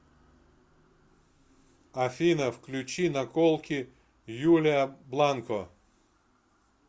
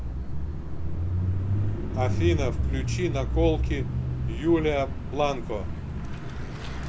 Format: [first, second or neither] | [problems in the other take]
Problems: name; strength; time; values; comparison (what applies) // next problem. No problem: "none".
first | background sound (Mechanisms / Bicycle); 3 dB above the speech